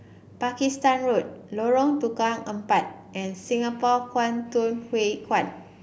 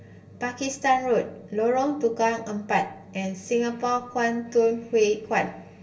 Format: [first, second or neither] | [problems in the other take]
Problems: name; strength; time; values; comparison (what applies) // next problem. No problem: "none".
first | room echo; dies away in 0.1 s